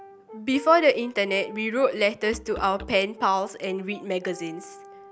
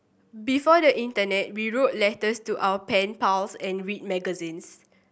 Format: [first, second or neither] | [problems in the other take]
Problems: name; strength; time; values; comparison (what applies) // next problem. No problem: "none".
second | background sound (Brass instrument + Musical instrument); 18 dB below the speech